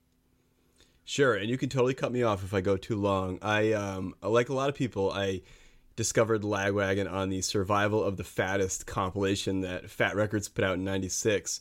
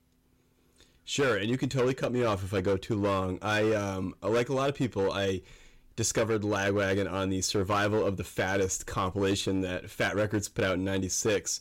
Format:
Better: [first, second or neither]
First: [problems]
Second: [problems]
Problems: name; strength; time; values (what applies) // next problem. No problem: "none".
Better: first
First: none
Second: distortion; slight; 8% of the sound clipped